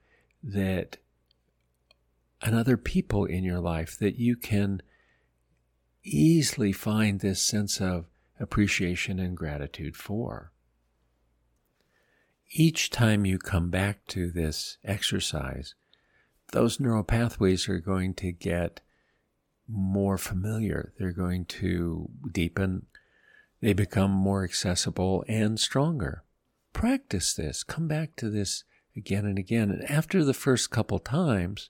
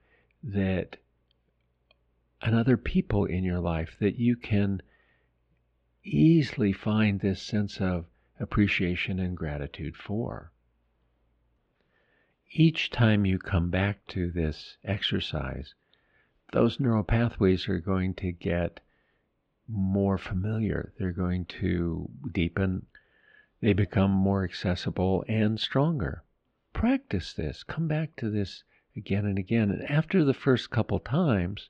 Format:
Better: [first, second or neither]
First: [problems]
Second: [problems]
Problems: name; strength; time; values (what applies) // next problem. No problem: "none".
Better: first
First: none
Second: muffled; slightly; fading above 3.5 kHz